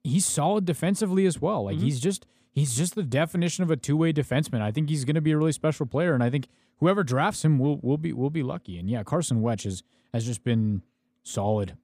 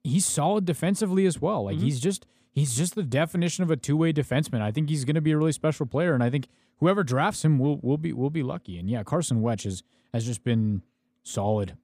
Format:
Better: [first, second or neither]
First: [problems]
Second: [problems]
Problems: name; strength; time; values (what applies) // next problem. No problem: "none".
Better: neither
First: none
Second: none